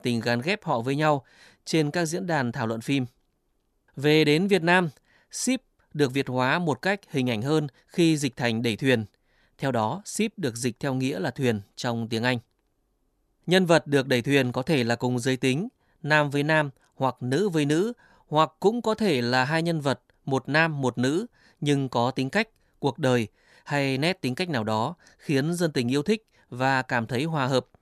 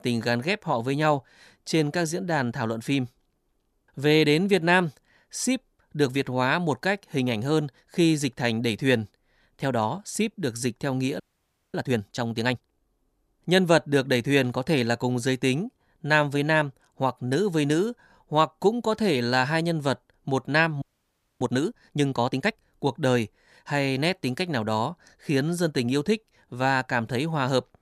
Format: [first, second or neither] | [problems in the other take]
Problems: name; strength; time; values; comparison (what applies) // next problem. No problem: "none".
first | audio freezing; at 11 s for 0.5 s and at 21 s for 0.5 s